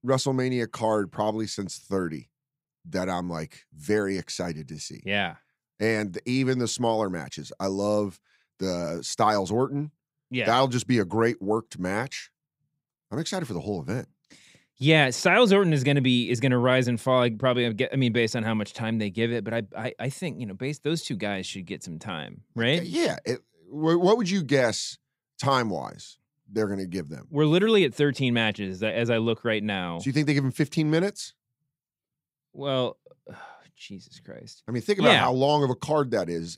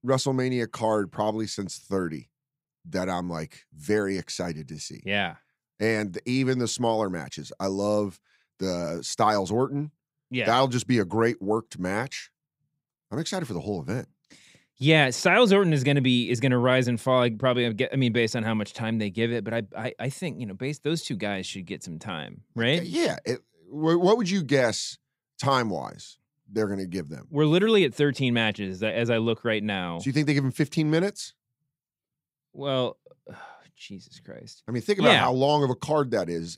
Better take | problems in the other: neither | none

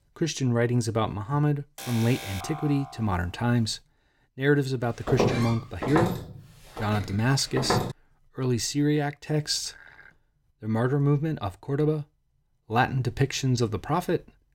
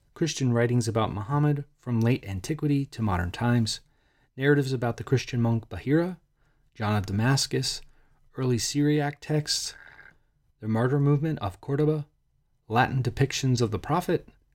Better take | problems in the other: second | alarm; noticeable; from 2 to 3.5 s; peak 9 dB below the speech // footsteps; loud; from 5 to 8 s; peak 1 dB above the speech

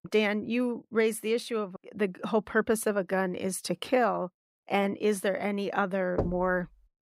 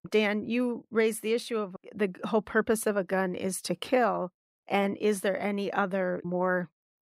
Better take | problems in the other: second | door banging; noticeable; at 6 s; peak 5 dB below the speech

